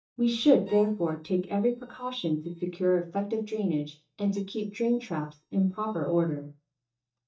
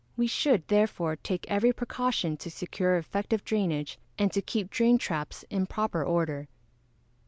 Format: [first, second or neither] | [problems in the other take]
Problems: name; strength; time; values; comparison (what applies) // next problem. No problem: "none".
second | noise reduction (neural mask model DeepFilterNet 3)